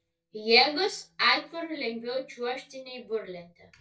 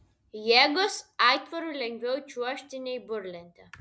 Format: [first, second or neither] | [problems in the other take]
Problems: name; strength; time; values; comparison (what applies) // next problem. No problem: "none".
second | noise reduction (neural mask model DeepFilterNet 3)